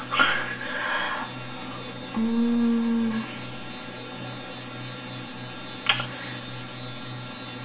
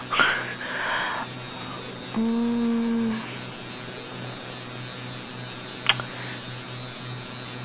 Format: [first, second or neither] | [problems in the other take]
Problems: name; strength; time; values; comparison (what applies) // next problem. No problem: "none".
second | room echo; dies away in 0.8 s